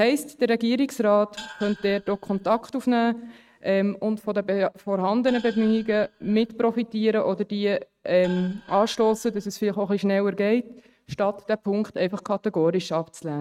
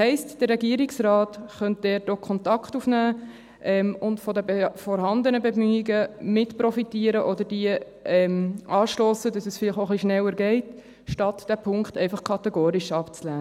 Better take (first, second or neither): second